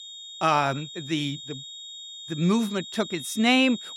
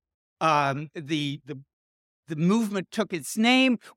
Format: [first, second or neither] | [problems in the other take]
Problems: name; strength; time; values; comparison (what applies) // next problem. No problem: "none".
second | high-pitched whine; noticeable; throughout; 3.5 kHz, 15 dB below the speech